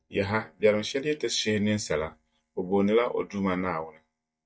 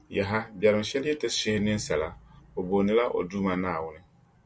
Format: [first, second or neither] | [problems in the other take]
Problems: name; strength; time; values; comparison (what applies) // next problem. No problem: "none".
second | noise reduction (neural mask model DeepFilterNet 3)